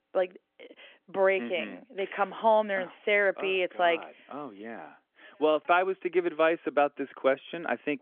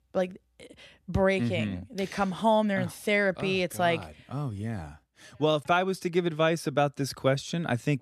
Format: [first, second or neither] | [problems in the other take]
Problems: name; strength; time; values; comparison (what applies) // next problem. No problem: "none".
second | phone-call audio